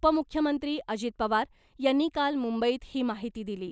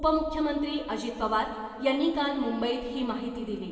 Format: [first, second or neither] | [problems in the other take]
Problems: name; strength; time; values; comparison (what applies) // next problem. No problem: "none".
first | room echo; dies away in 2.2 s